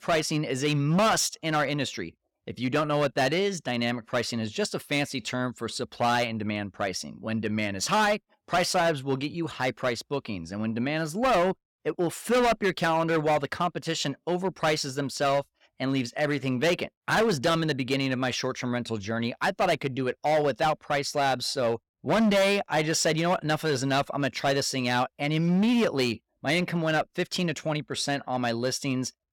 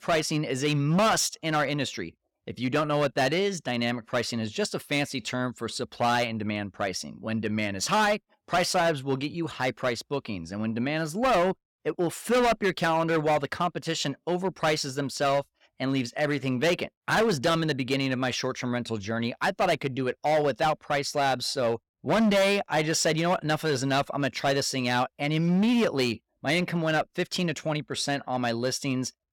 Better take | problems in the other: neither | distortion; heavy; 8% of the sound clipped; the same in both

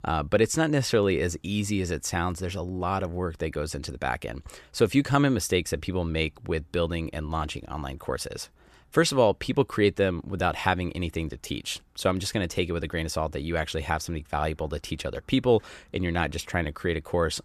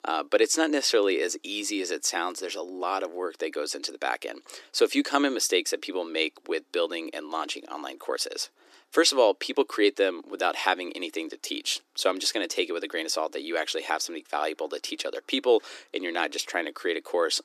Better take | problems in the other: first | thin; somewhat; fading below 300 Hz

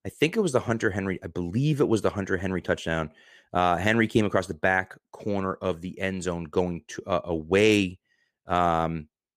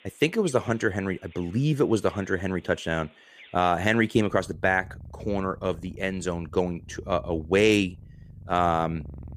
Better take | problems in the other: first | animal sounds; faint; throughout; 20 dB below the speech

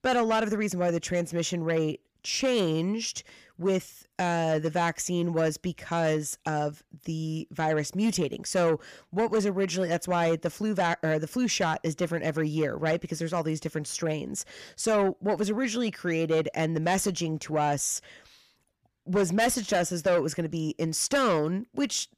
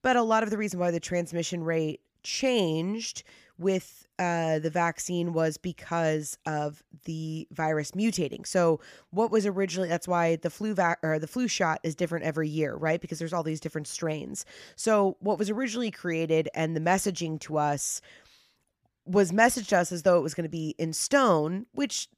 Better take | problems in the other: second | distortion; slight; 10 dB below the speech

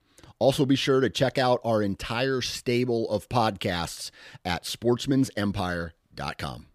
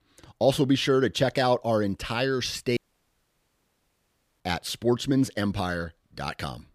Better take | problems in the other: first | audio cutting out; at 3 s for 1.5 s

